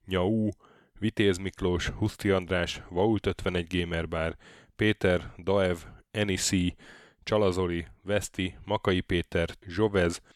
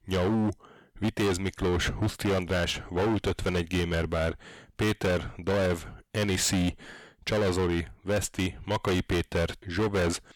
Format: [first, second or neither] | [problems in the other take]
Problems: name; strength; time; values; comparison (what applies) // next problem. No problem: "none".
first | distortion; heavy; 19% of the sound clipped